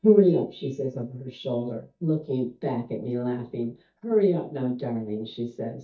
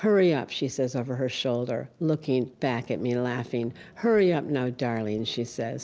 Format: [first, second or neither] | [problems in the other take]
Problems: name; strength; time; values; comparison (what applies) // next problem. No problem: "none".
second | noise reduction (neural mask model DeepFilterNet 3)